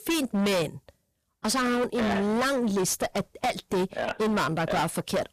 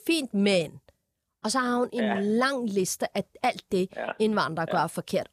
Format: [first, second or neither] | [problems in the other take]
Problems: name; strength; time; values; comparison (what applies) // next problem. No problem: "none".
second | distortion; heavy; 25% of the sound clipped